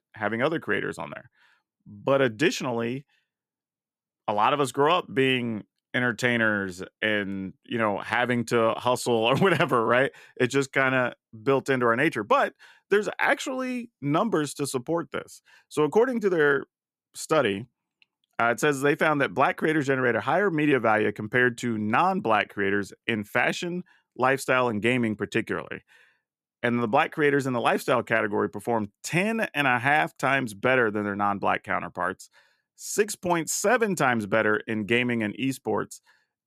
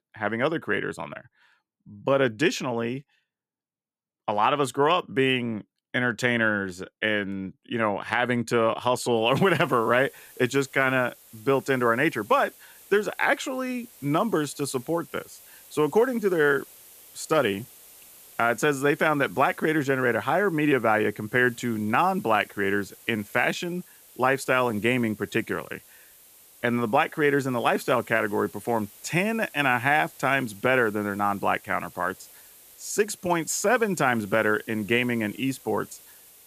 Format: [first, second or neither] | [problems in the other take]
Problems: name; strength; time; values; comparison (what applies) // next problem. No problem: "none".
first | hiss; faint; from 9.5 s on; 25 dB below the speech